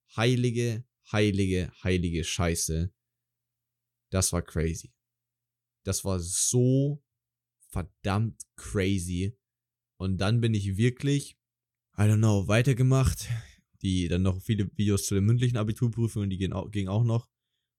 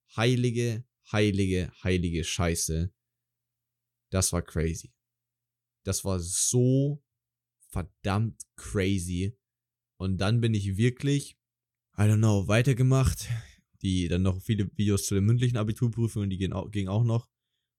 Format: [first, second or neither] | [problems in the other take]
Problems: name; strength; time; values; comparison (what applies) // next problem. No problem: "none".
neither | none